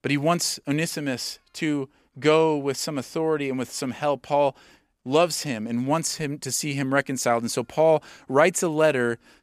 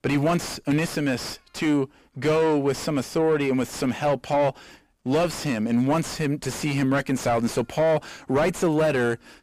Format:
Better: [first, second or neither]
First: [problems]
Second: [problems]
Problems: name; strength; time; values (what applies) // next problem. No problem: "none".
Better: first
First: none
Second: distortion; heavy; 5 dB below the speech